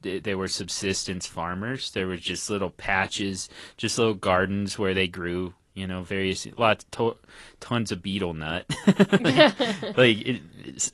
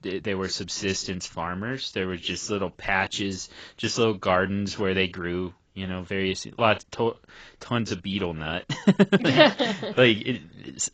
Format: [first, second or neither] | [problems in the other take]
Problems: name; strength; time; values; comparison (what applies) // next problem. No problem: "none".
first | garbled, watery; badly; nothing above 7.5 kHz; slightly in the first